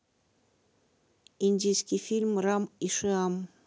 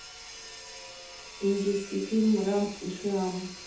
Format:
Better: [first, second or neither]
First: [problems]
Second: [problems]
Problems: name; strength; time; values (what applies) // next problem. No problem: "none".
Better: first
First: none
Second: background sound (Sawing); 14 dB below the speech // room echo; dies away in 0.6 s